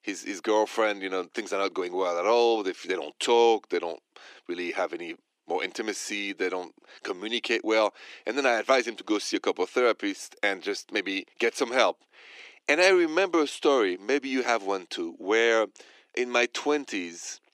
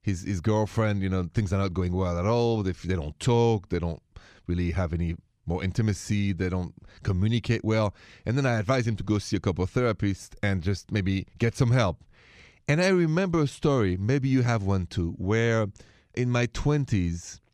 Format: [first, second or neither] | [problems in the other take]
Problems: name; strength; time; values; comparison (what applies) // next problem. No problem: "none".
second | thin; very; fading below 300 Hz